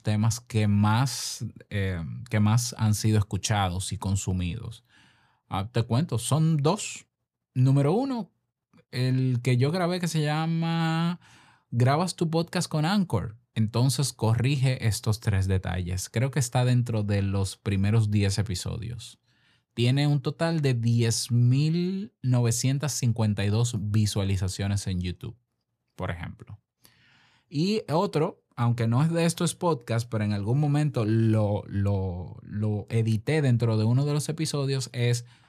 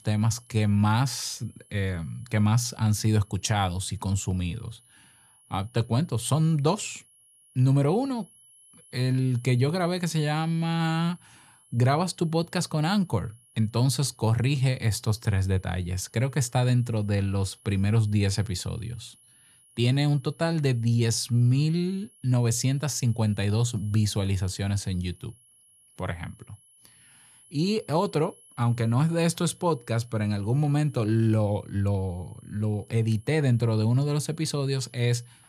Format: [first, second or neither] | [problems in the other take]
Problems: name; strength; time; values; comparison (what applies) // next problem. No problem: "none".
first | high-pitched whine; faint; throughout; 10.5 kHz, 30 dB below the speech